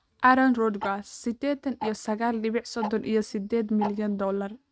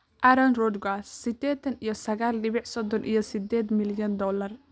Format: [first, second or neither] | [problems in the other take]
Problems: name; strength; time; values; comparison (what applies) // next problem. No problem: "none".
second | noise reduction (neural mask model RNNoise)